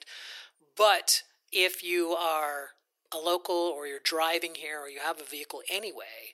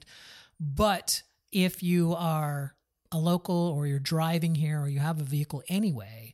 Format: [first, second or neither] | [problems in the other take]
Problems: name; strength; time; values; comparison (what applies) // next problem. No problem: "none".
second | thin; very; fading below 350 Hz